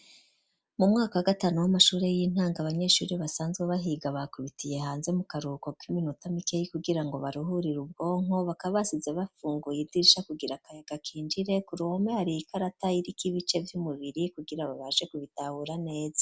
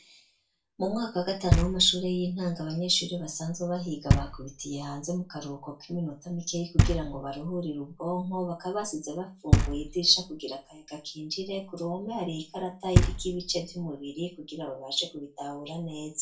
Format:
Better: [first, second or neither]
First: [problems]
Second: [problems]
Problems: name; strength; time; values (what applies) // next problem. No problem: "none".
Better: first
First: none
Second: background sound (Knock); as loud as the speech // room echo; dies away in 0.3 s